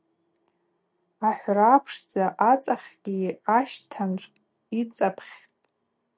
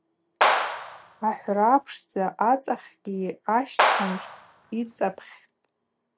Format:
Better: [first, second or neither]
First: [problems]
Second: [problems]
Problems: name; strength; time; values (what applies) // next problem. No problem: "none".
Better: first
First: none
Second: background sound (Clapping); 1 dB above the speech